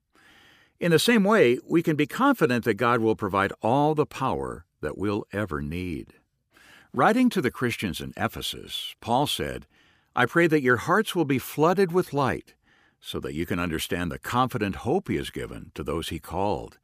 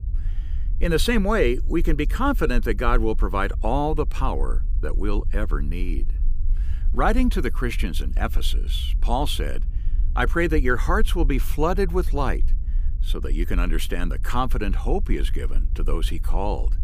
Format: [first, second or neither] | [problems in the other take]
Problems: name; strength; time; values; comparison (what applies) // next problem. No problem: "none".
first | low rumble; faint; throughout; 25 dB below the speech